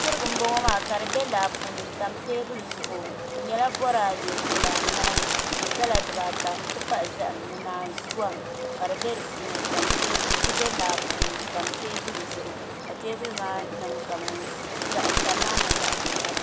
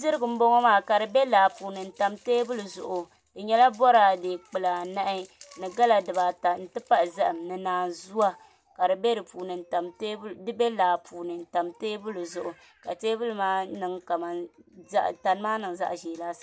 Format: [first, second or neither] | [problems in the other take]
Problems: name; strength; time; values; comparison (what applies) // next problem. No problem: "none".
second | background sound (Bird); 3 dB above the speech